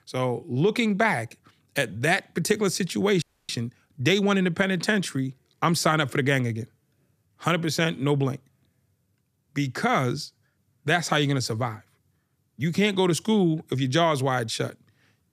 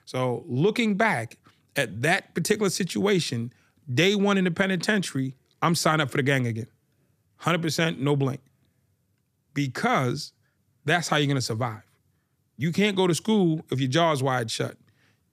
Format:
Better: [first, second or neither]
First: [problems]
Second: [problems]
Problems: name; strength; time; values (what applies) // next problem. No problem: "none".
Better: second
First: audio freezing; at 3 s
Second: none